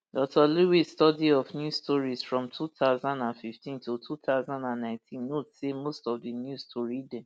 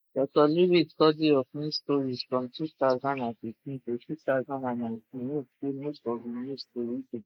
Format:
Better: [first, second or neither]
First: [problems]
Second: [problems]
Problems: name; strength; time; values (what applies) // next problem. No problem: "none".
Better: first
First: none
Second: noise reduction (neural mask model Resemble Enhance denoiser)